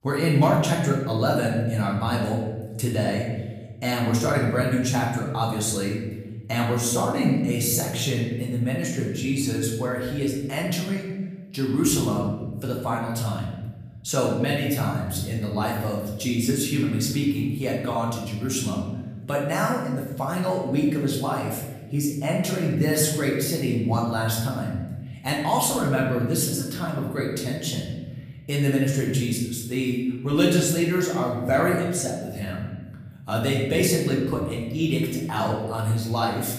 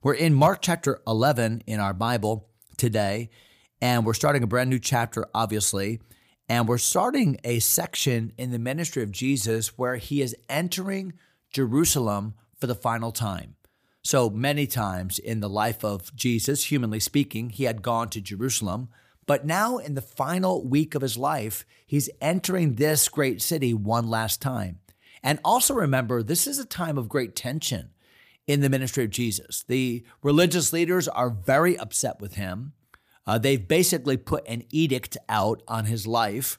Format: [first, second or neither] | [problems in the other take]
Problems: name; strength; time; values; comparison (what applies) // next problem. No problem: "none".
second | off-mic speech; far // room echo; noticeable; dies away in 1.4 s